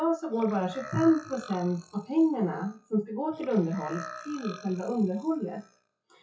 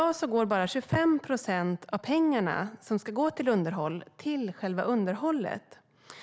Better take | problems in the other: second | noise reduction (classical method WPE with log-MMSE)

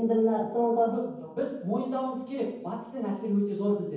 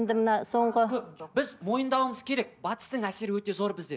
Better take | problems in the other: second | room echo; dies away in 0.9 s

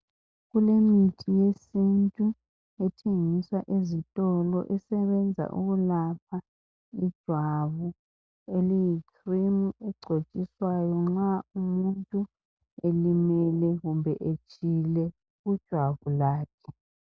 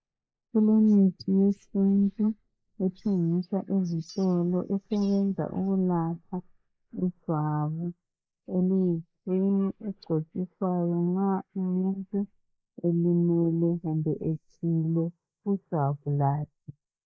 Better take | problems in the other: first | noise reduction (neural mask model Resemble Enhance denoiser)

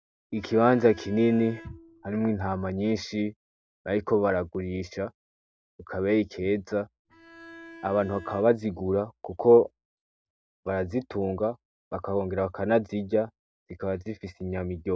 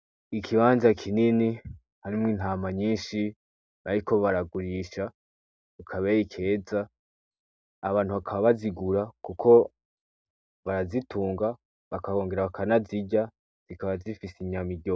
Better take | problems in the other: second | background sound (Bowed string instrument); 20 dB below the speech

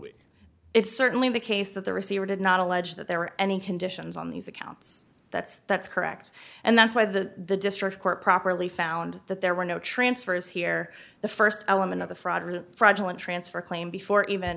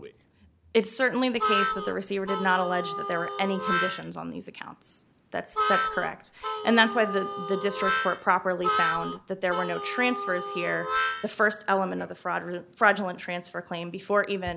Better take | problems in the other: first | background sound (Harmonica); 2 dB below the speech

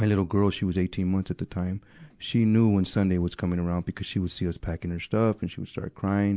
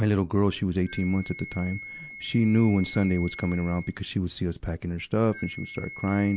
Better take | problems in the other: first | background sound (Wind instrument, woodwind instrument); 16 dB below the speech

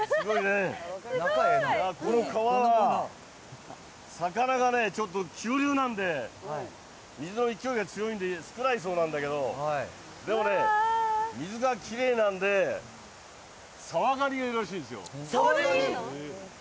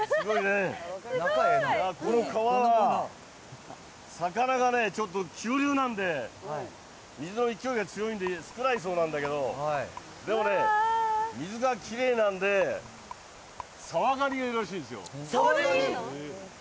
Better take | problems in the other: first | background sound (Rattle); 19 dB below the speech

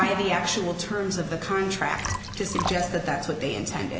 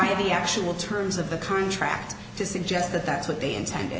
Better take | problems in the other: second | background sound (Liquid); 10 dB below the speech

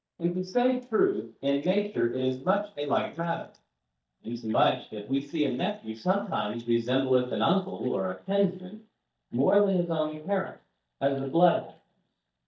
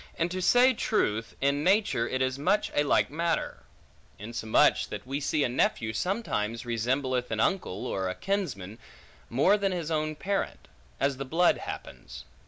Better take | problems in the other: second | noise reduction (neural mask model DeepFilterNet 3)

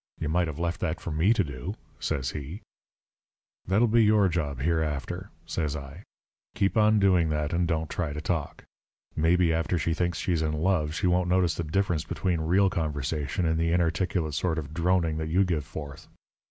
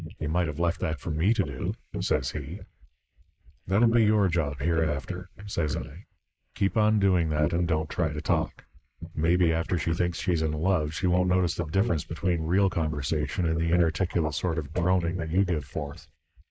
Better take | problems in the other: first | noise reduction (neural mask model Resemble Enhance denoiser)

